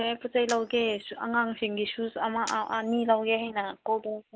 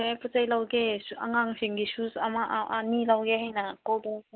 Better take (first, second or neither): second